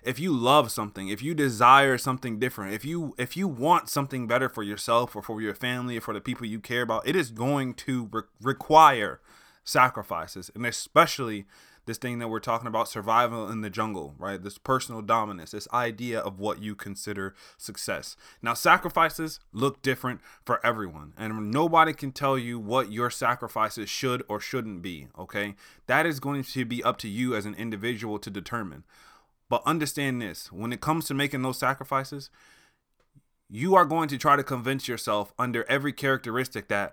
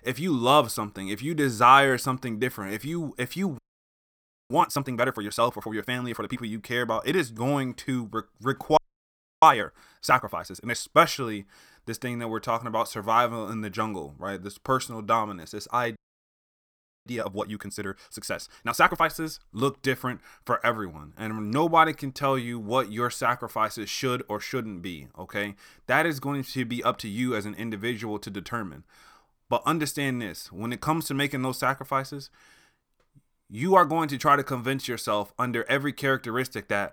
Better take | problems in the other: first | audio freezing; at 3.5 s for 1 s, at 9 s for 0.5 s and at 16 s for 1 s

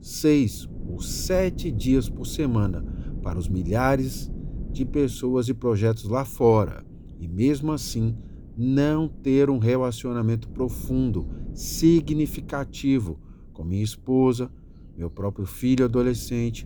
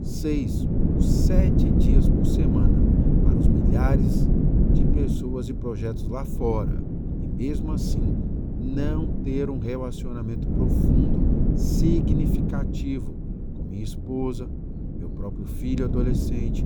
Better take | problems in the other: first | wind noise on the microphone; heavy; 1 dB above the speech; occasional gusts in the first

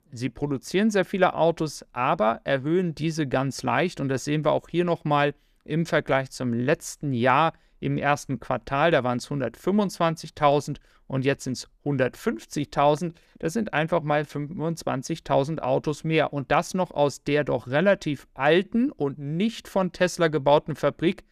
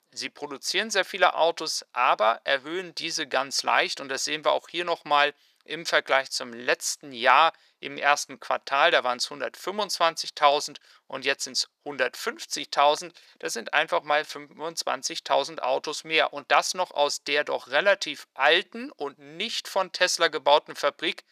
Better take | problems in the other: first | thin; very; fading below 700 Hz

